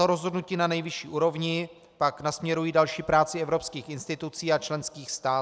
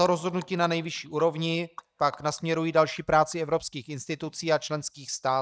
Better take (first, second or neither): first